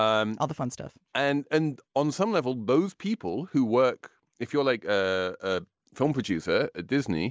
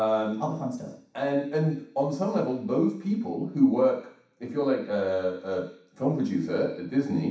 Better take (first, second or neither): first